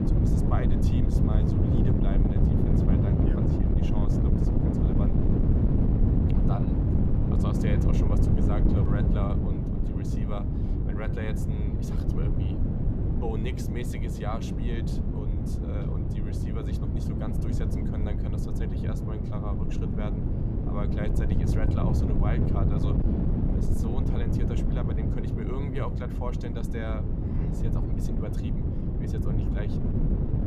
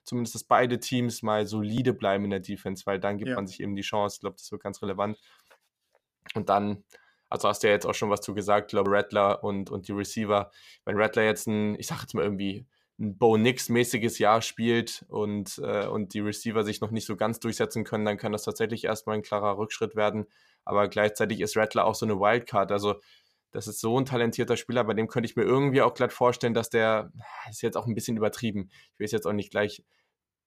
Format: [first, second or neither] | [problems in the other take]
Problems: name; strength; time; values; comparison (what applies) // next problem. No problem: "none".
second | wind noise on the microphone; heavy; 4 dB above the speech